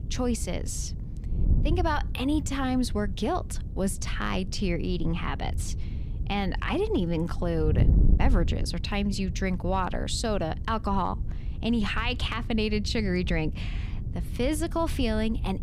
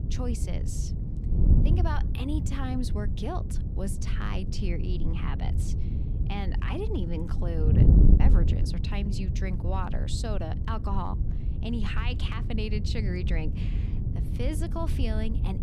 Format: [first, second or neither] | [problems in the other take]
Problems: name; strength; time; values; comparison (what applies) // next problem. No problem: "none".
first | wind noise on the microphone; heavy; 4 dB below the speech; occasional gusts in the first